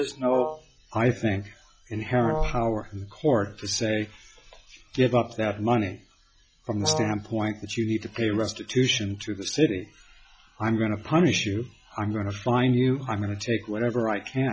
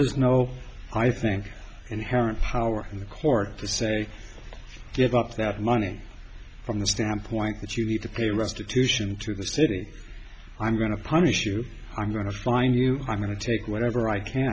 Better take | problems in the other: second | noise reduction (classical method log-MMSE)

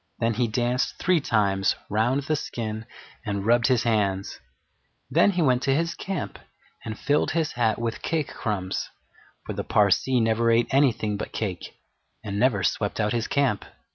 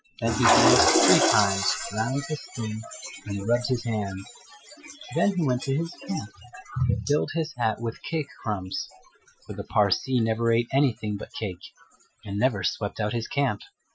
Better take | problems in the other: first | noise reduction (classical method Wiener filter)

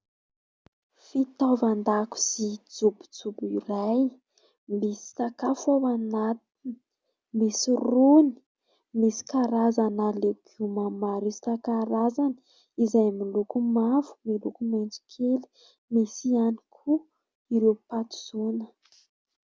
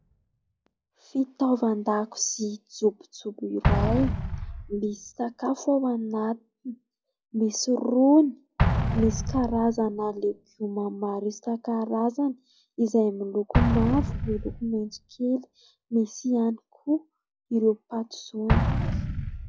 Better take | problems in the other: first | noise reduction (classical method log-MMSE)

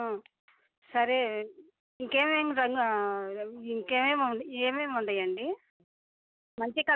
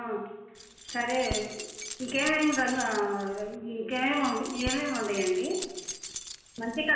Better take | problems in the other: first | background sound (Keys jangling); 10 dB below the speech // room echo; dies away in 1.1 s

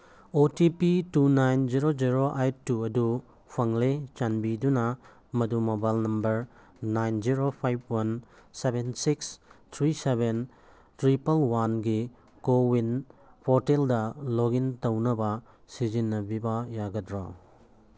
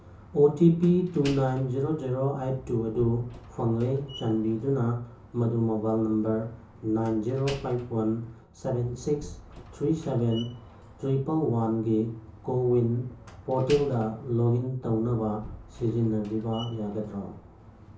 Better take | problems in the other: first | background sound (Slam); 19 dB below the speech // room echo; dies away in 0.6 s

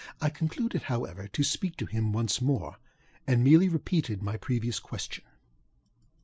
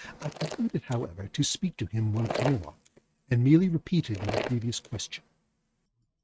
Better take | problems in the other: first | noise reduction (neural mask model RNNoise)

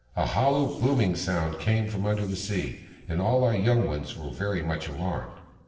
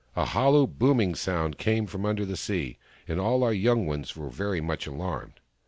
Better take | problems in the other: second | noise reduction (neural separator model SepFormer DNS4)

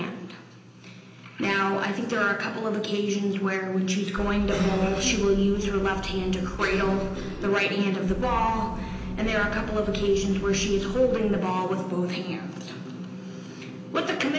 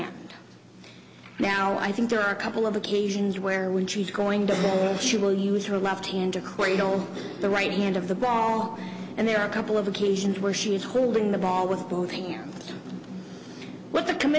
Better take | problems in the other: second | background sound (Gull, seagull / Wind); 10 dB below the speech // room echo; dies away in 0.8 s

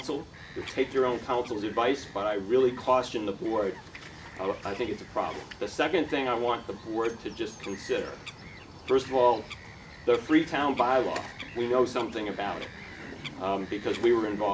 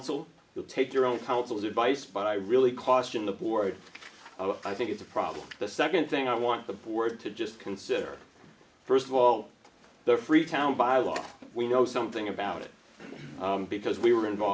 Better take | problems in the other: second | background sound (Bird vocalization, bird call, bird song); 16 dB below the speech

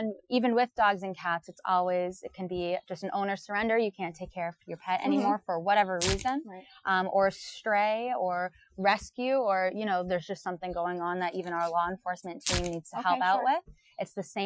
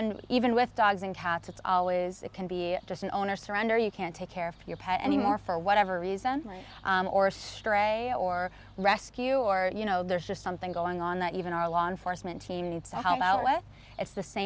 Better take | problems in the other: second | noise reduction (classical method Wiener filter)

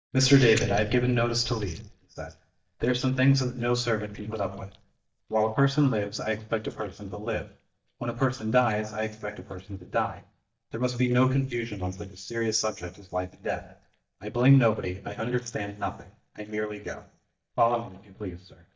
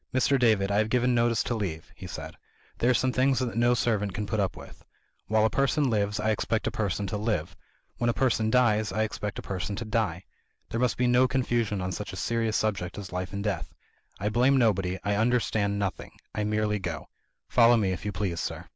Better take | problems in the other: second | noise reduction (neural mask model DeepFilterNet 3)

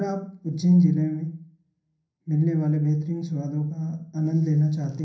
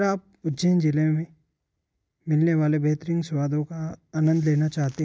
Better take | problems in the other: second | room echo; dies away in 0.6 s

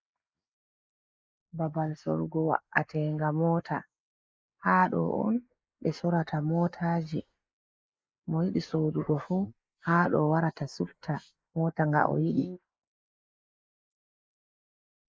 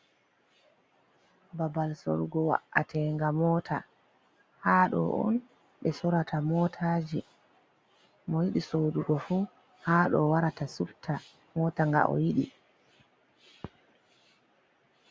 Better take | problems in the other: second | noise reduction (neural mask model Resemble Enhance denoiser)

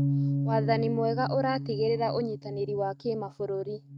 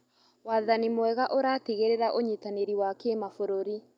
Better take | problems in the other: second | noise reduction (neural mask model RNNoise)

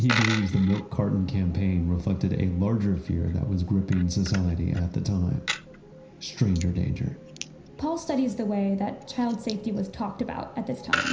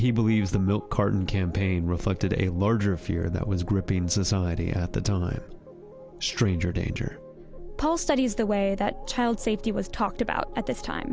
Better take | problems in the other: second | background sound (Coin (dropping)); 11 dB below the speech // room echo; dies away in 0.5 s

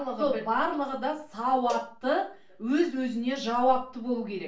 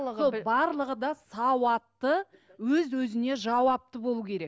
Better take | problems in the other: second | background sound (Cowbell); 16 dB below the speech // room echo; dies away in 0.4 s

